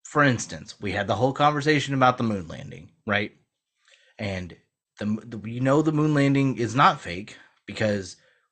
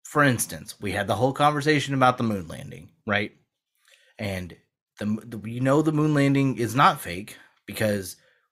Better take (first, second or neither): second